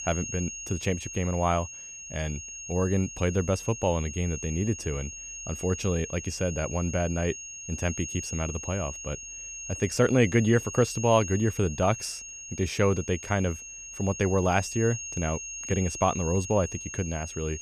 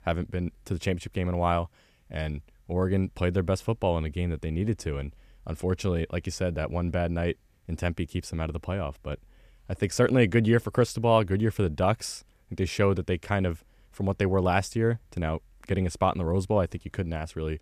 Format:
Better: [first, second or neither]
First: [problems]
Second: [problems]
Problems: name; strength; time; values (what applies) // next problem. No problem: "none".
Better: second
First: high-pitched whine; loud; throughout; 6.5 kHz, 9 dB below the speech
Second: none